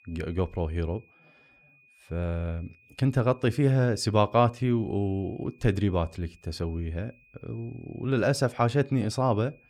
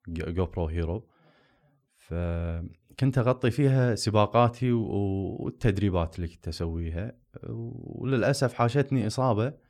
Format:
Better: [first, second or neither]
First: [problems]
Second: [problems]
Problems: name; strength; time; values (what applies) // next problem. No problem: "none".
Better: second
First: high-pitched whine; faint; throughout; 2.5 kHz, 30 dB below the speech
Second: none